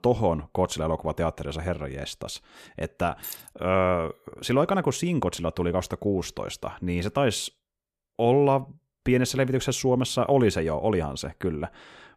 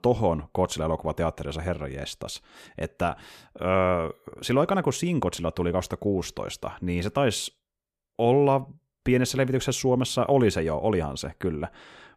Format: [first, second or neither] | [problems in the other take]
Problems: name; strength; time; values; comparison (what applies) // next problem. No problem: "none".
second | jangling keys; faint; at 3 s; peak 10 dB below the speech